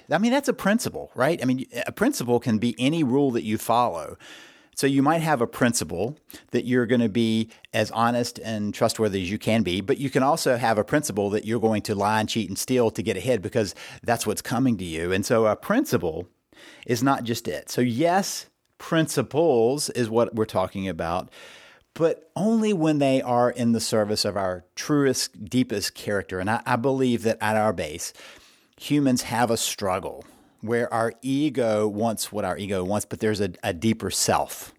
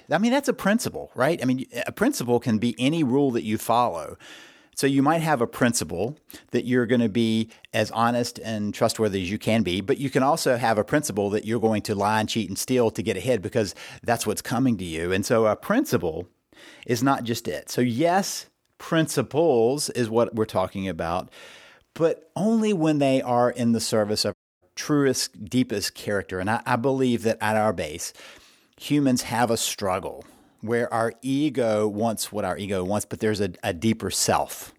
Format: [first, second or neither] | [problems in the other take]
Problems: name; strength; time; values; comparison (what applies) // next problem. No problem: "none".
first | audio cutting out; at 24 s